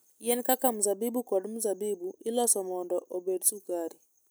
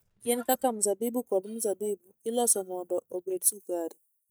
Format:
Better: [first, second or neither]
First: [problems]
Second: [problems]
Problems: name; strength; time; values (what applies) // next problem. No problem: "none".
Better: first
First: none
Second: noise reduction (neural mask model DeepFilterNet 3)